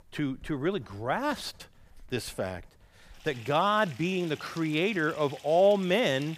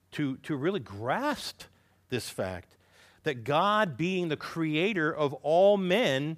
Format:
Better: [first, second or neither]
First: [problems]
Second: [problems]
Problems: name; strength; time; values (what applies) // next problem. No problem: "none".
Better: second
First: household noises; faint; throughout; 20 dB below the speech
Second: none